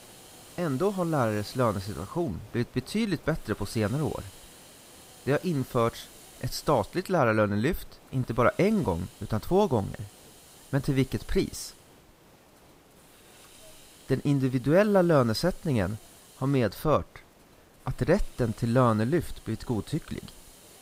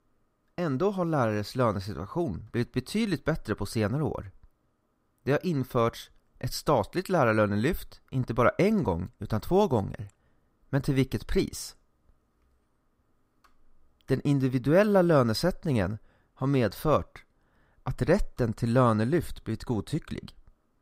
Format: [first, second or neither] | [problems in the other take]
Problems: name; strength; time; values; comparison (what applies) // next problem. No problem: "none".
second | hiss; faint; throughout; 20 dB below the speech